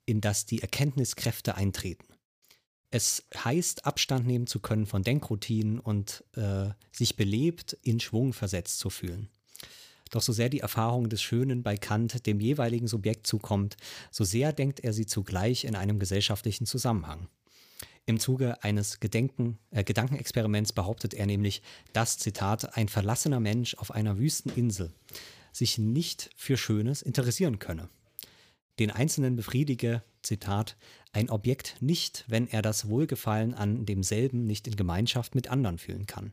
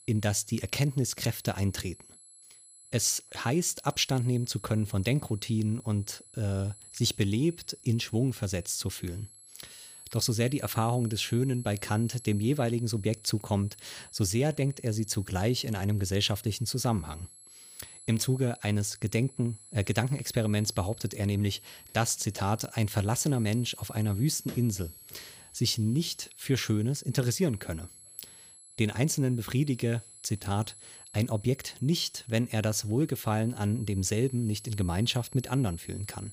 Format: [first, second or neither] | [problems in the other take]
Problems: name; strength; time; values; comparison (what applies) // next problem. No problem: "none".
first | high-pitched whine; noticeable; throughout; 11 kHz, 20 dB below the speech